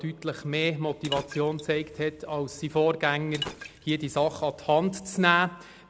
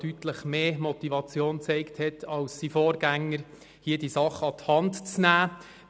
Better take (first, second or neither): second